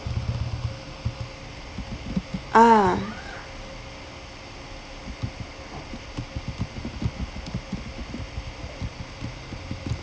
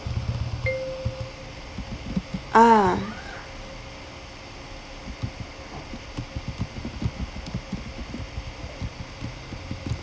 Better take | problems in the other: first | background sound (Marimba, xylophone); 11 dB below the speech

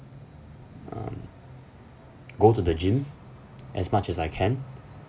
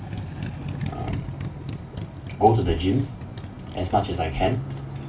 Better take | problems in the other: first | background sound (Motorcycle); 7 dB below the speech // room echo; dies away in 0.3 s

